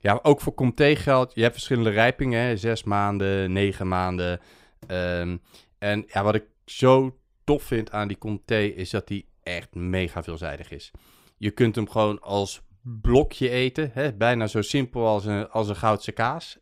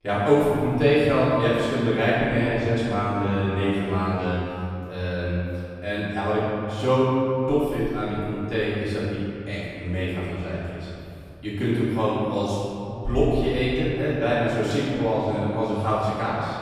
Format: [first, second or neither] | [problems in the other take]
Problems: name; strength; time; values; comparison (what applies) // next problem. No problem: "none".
first | off-mic speech; far // room echo; strong; dies away in 2.4 s